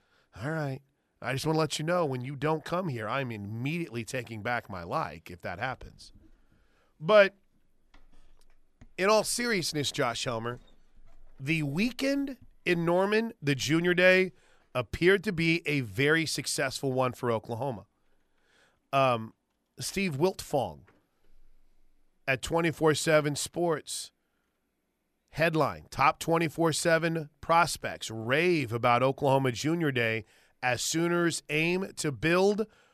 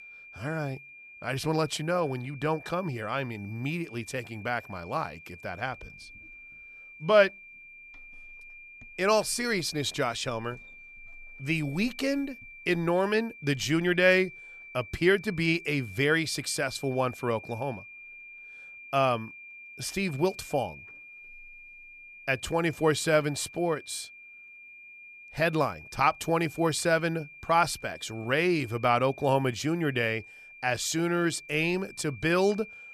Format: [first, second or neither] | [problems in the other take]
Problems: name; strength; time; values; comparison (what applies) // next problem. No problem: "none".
first | high-pitched whine; noticeable; throughout; 2.5 kHz, 20 dB below the speech